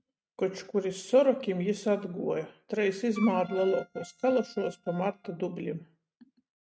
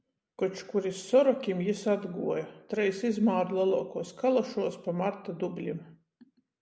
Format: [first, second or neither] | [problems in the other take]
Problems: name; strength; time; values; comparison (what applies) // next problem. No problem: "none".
second | noise reduction (neural mask model RNNoise)